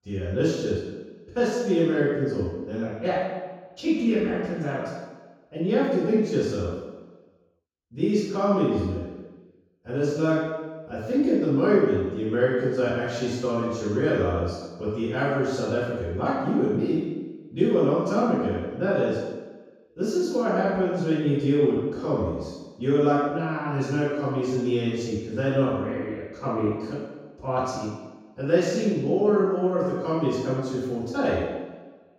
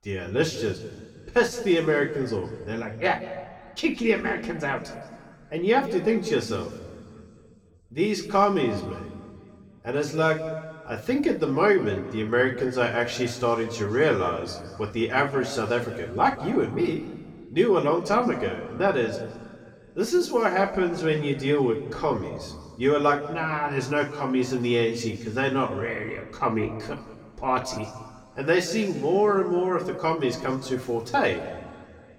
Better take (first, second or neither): second